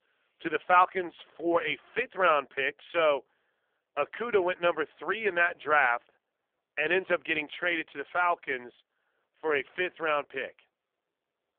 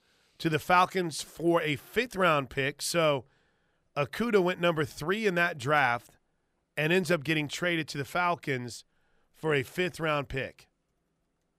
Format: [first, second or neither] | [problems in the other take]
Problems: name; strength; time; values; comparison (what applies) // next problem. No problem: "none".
second | phone-call audio; poor line; nothing above 3 kHz